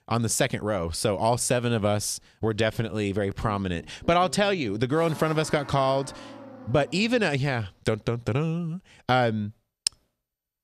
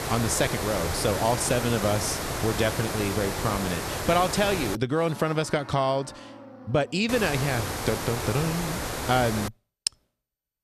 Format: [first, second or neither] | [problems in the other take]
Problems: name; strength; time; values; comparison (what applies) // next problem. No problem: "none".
first | hiss; loud; until 5 s and from 7 to 9.5 s; 4 dB below the speech